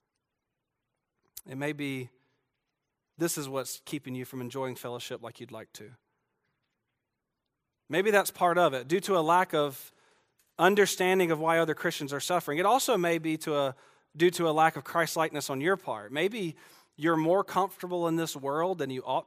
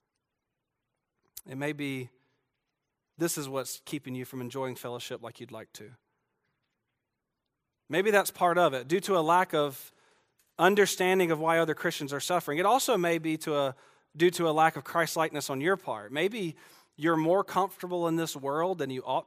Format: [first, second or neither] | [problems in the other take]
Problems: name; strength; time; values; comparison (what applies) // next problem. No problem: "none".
neither | none